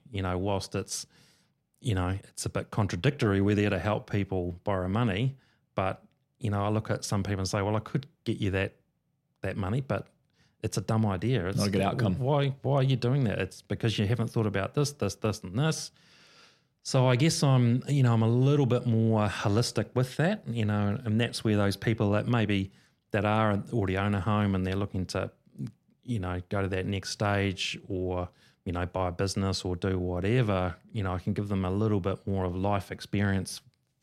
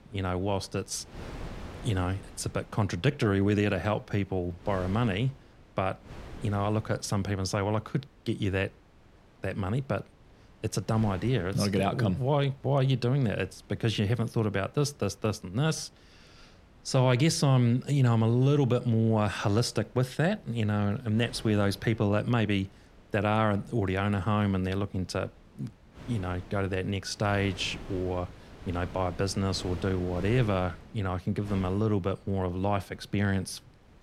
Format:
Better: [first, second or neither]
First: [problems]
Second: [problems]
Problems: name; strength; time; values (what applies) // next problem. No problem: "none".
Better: first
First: none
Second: wind noise on the microphone; occasional gusts; 20 dB below the speech